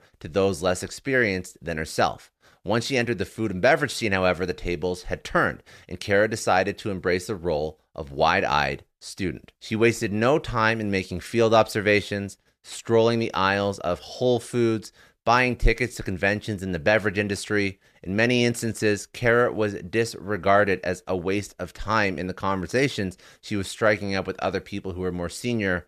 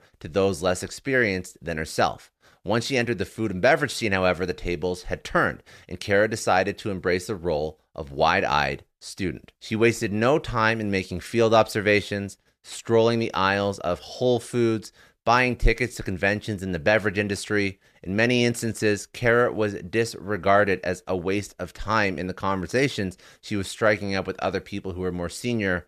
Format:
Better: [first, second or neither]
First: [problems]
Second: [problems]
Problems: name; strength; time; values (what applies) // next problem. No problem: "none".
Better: neither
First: none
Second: none